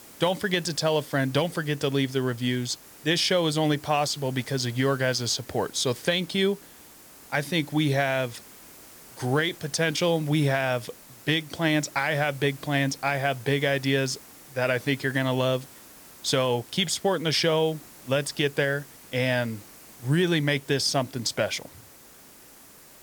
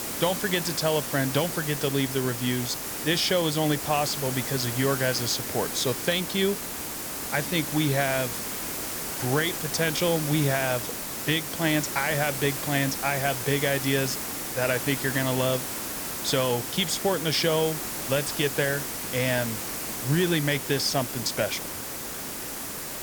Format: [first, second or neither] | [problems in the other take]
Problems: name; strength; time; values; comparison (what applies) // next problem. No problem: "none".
first | hiss; loud; throughout; 4 dB below the speech; faint in the first